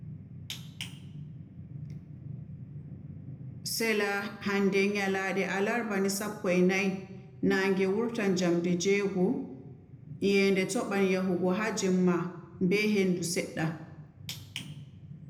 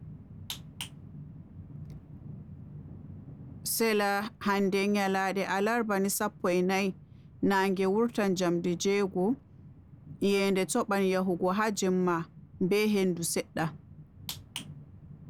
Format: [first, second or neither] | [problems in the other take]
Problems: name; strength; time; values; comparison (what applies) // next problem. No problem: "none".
second | room echo; dies away in 0.6 s